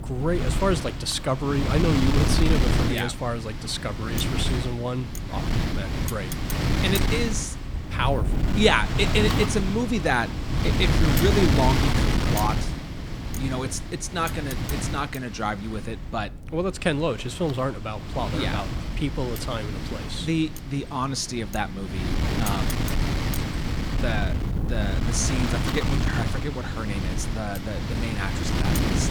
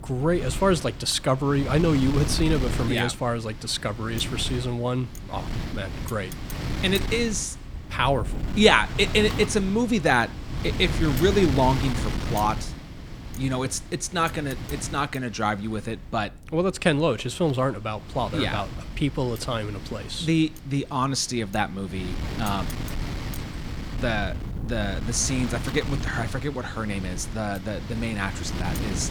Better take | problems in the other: second | wind noise on the microphone; heavy; 3 dB below the speech; occasional gusts in the second

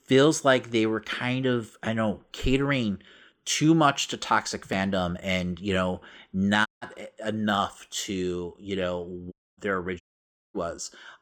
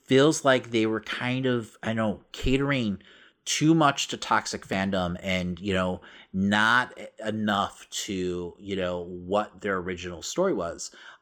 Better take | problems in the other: second | audio cutting out; at 6.5 s, at 9.5 s and at 10 s for 0.5 s

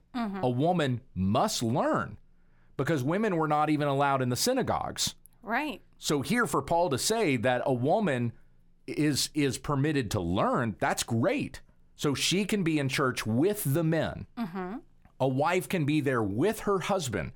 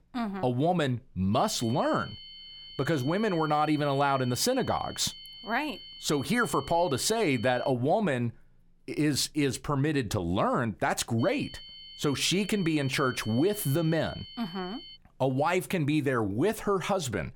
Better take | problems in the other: first | high-pitched whine; noticeable; from 1.5 to 7.5 s and from 11 to 15 s; 3 kHz, 15 dB below the speech

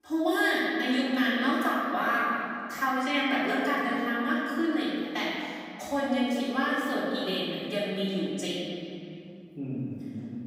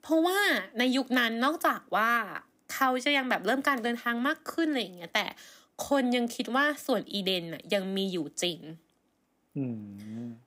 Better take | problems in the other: second | off-mic speech; far // room echo; strong; dies away in 2.7 s

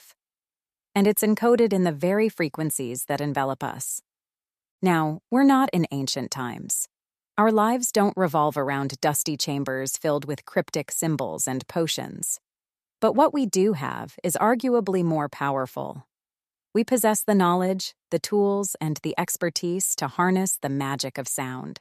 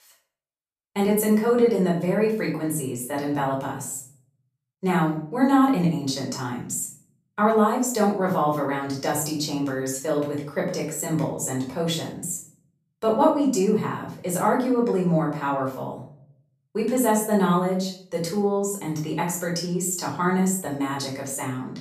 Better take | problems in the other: first | room echo; noticeable; dies away in 0.4 s // off-mic speech; far

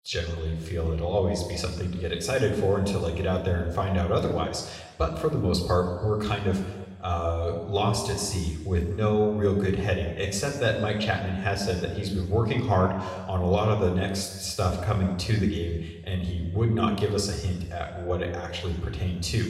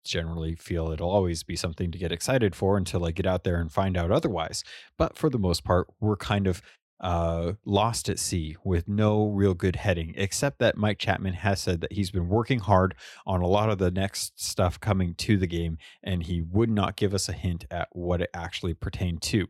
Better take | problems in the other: second | room echo; noticeable; dies away in 1.1 s // off-mic speech; somewhat distant

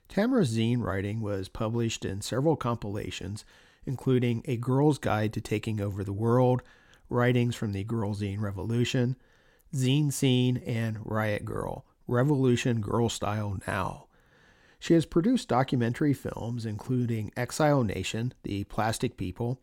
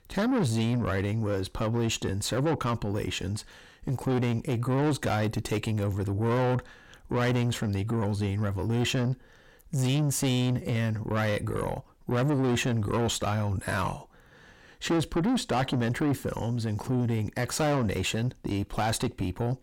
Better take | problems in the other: first | distortion; heavy; 8 dB below the speech

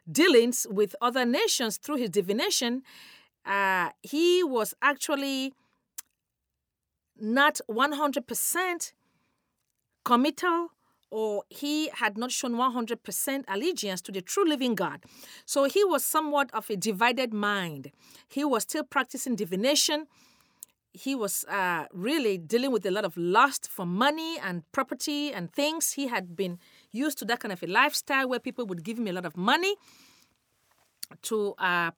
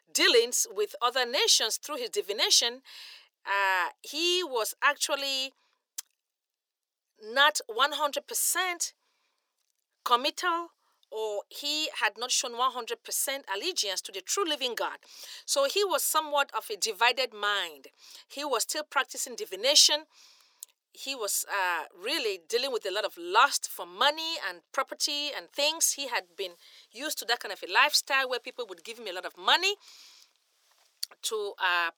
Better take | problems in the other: first | thin; very; fading below 400 Hz

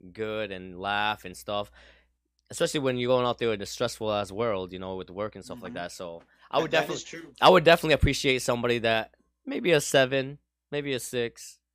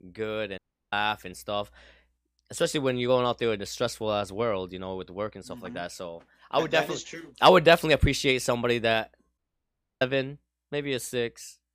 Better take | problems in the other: first | audio cutting out; at 0.5 s and at 9.5 s for 0.5 s

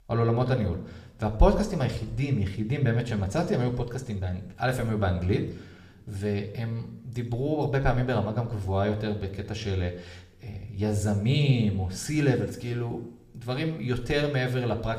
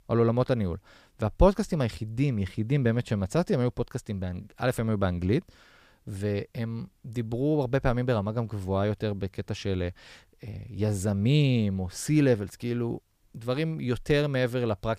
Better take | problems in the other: second | room echo; slight; dies away in 0.7 s

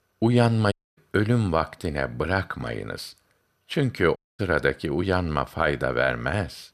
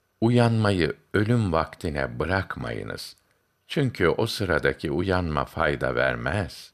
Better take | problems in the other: second | audio cutting out; at 0.5 s and at 4 s

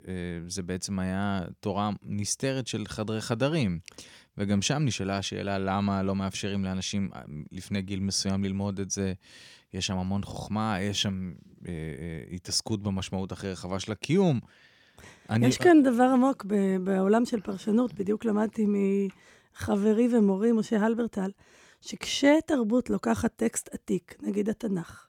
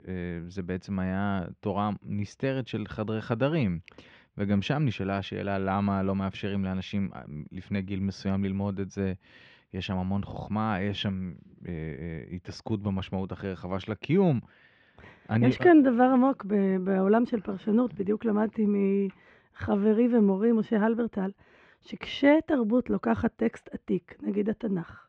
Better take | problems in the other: first | muffled; very; fading above 3 kHz

